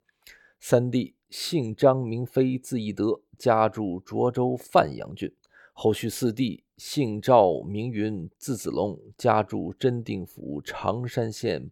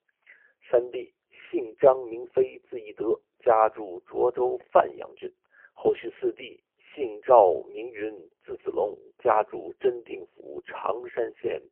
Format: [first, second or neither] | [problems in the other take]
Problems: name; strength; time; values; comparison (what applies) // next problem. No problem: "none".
first | phone-call audio; poor line